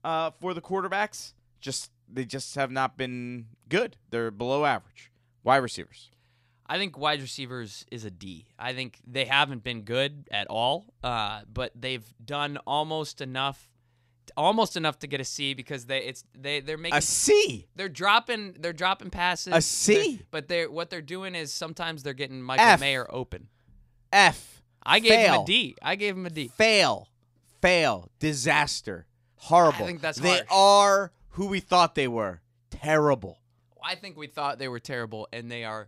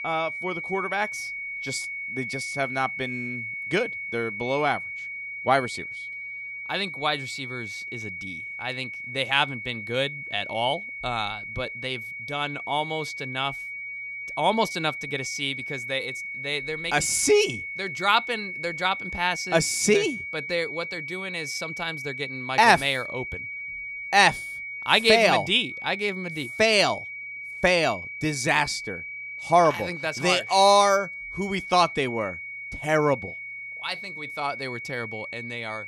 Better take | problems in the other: first | high-pitched whine; loud; throughout; 2 kHz, 8 dB below the speech

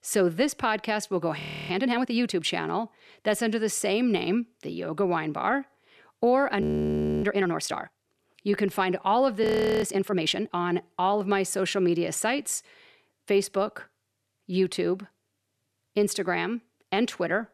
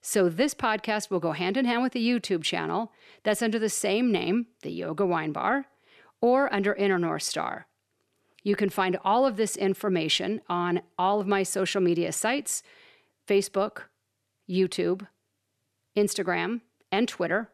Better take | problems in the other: second | audio freezing; at 1.5 s, at 6.5 s for 0.5 s and at 9.5 s

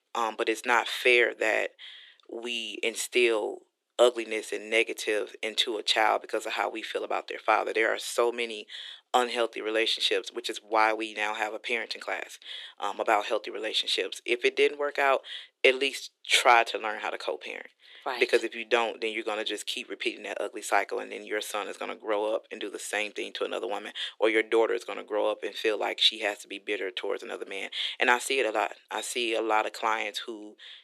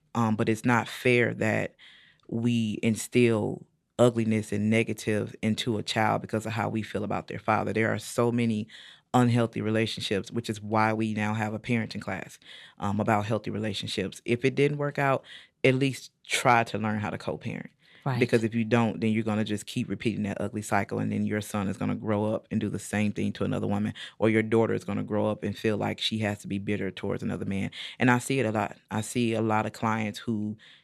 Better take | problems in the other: second | thin; very; fading below 350 Hz

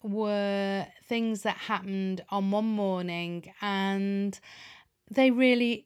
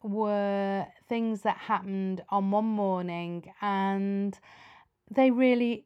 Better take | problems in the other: first | muffled; slightly; fading above 2.5 kHz

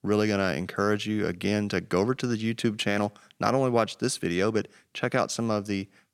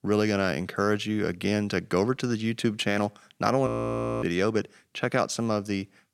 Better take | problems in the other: first | audio freezing; at 3.5 s for 0.5 s

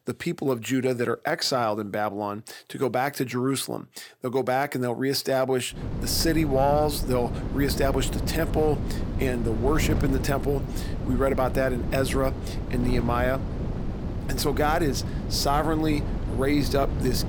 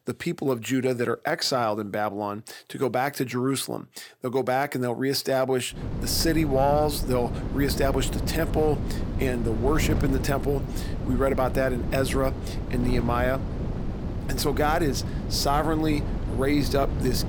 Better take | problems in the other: neither | wind noise on the microphone; occasional gusts; from 6 s on; 10 dB below the speech; the same in both

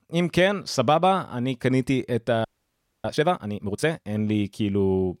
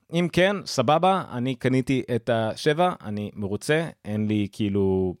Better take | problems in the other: second | audio freezing; at 2.5 s for 0.5 s

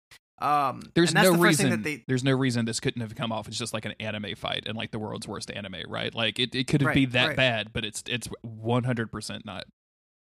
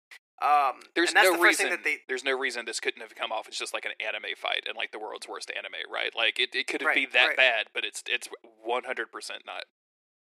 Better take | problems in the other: first | thin; very; fading below 350 Hz

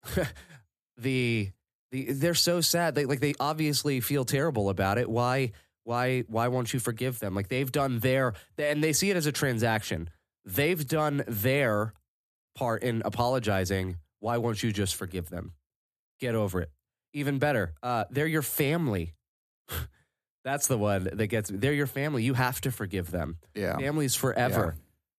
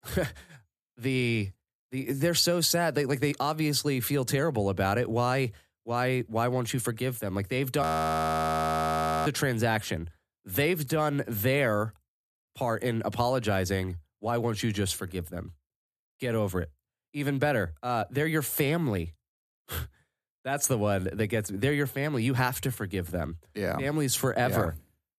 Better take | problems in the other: first | audio freezing; at 8 s for 1.5 s

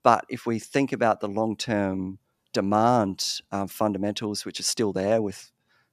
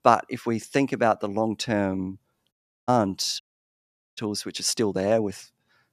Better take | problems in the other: first | audio cutting out; at 2.5 s and at 3.5 s for 1 s

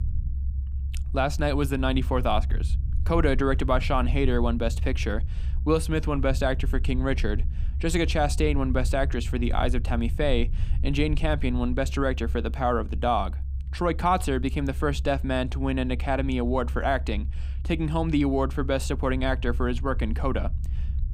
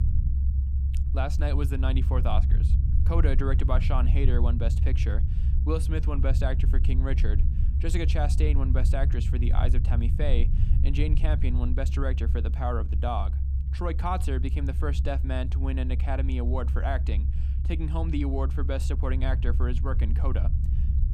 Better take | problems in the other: first | low rumble; loud; throughout; 9 dB below the speech; faint in the first

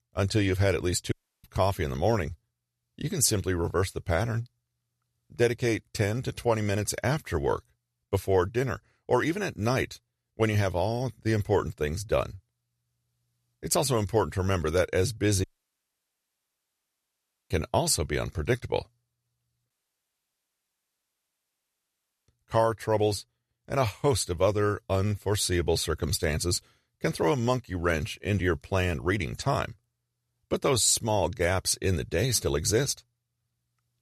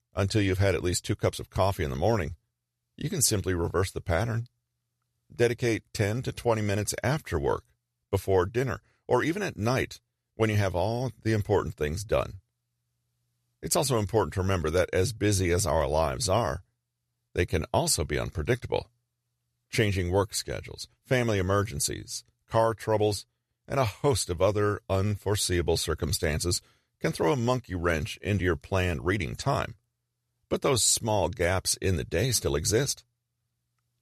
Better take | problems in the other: second | audio cutting out; at 1 s, at 15 s for 2 s and at 20 s for 2.5 s

